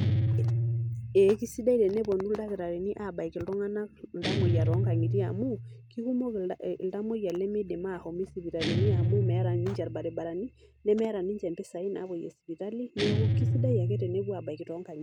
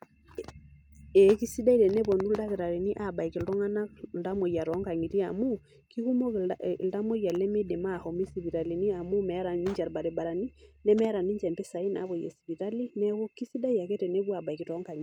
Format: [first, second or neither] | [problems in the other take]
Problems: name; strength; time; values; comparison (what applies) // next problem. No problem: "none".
second | background sound (Guitar); as loud as the speech